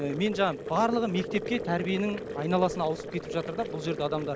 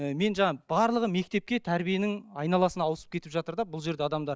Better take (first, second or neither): second